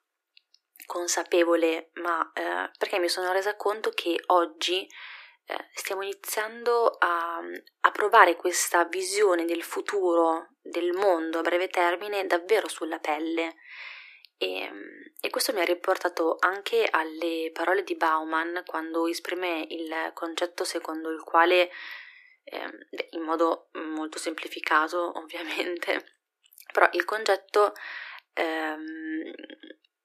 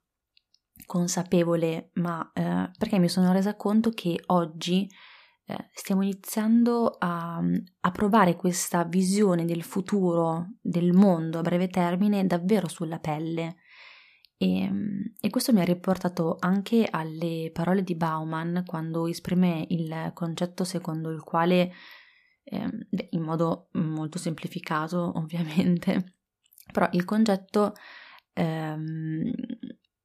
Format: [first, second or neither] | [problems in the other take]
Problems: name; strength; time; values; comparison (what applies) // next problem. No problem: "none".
second | thin; very; fading below 300 Hz